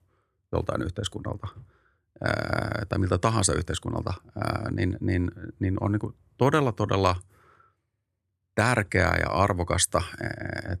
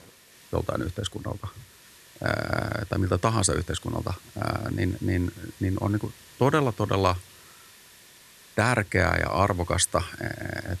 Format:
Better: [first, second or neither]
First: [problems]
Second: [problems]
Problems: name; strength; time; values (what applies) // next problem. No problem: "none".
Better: first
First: none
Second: hiss; faint; throughout; 20 dB below the speech